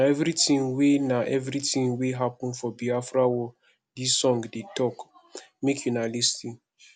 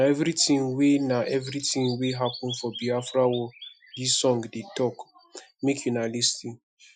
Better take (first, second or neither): first